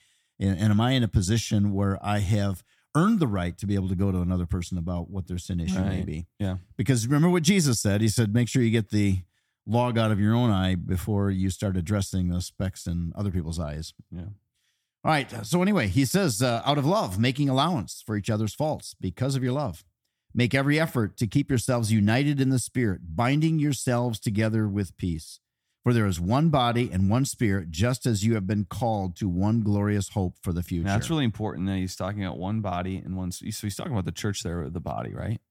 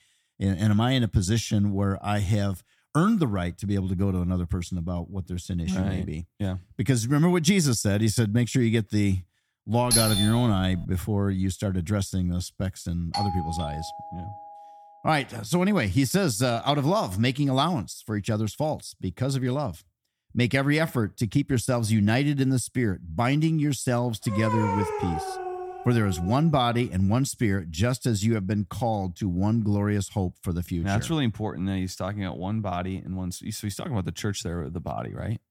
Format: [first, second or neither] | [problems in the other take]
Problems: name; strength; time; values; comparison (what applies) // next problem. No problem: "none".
first | doorbell; loud; at 10 s; peak 4 dB above the speech // doorbell; noticeable; from 13 to 15 s; peak 4 dB below the speech // dog barking; noticeable; from 24 to 26 s; peak 2 dB below the speech